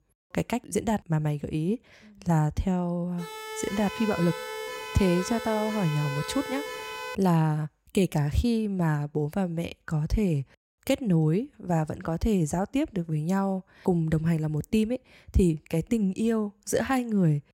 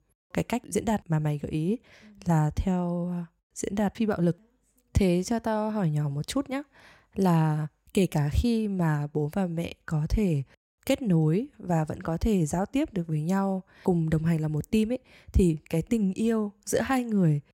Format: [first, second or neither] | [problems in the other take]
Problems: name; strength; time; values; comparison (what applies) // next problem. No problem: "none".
second | siren; noticeable; from 3 to 7 s; peak 7 dB below the speech